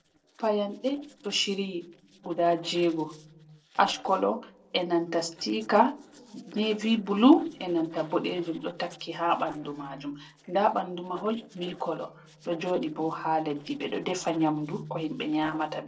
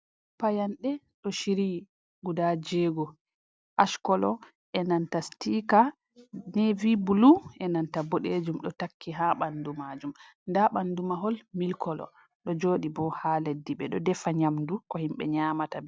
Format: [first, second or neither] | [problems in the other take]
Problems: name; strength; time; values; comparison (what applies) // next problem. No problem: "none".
second | noise reduction (neural separator model SepFormer DNS4)